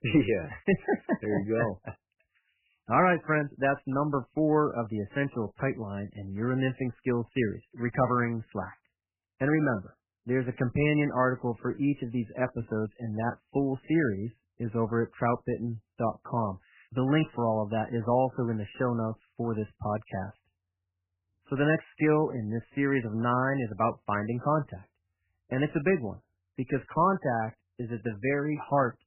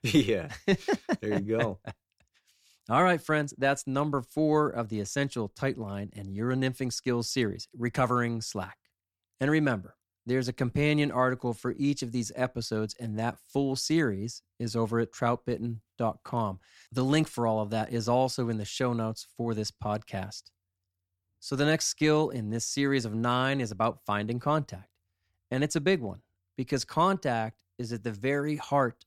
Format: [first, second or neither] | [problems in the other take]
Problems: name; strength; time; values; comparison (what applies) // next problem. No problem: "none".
second | garbled, watery; badly; nothing above 3 kHz